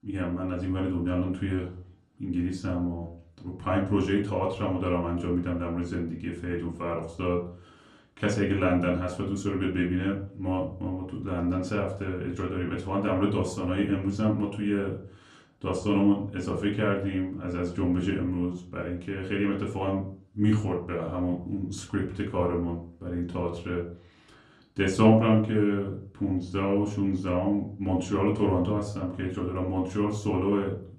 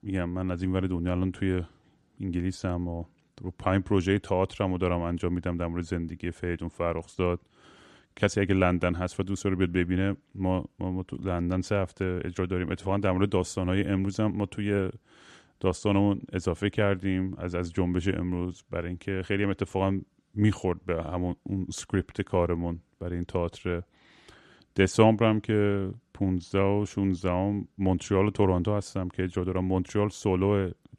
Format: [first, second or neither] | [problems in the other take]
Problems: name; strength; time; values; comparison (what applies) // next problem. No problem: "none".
second | room echo; slight; dies away in 0.4 s // off-mic speech; far